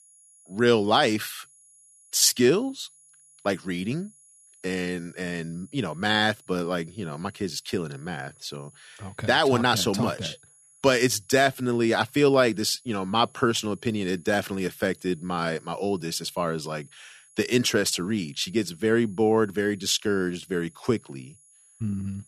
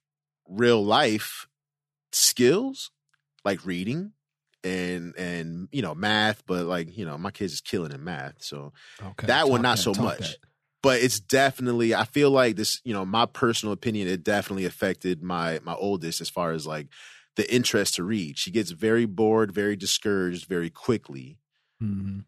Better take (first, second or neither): second